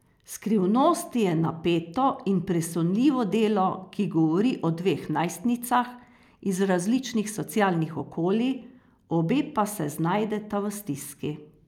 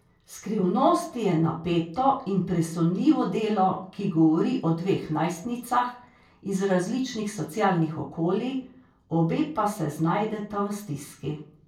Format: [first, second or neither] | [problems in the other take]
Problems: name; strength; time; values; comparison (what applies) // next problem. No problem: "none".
first | room echo; dies away in 0.2 s